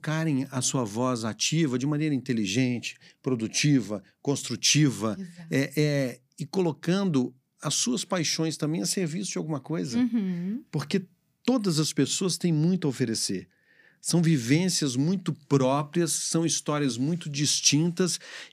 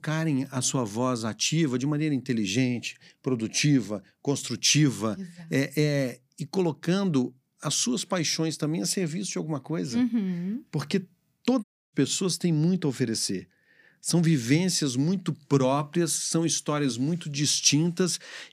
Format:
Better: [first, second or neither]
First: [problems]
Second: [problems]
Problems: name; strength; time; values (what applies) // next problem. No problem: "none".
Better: first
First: none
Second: audio cutting out; at 12 s